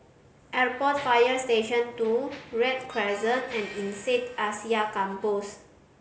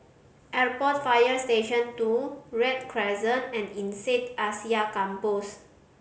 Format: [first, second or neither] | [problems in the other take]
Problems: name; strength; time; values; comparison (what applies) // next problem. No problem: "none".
second | background sound (Harmonica + Mechanisms); 19 dB below the speech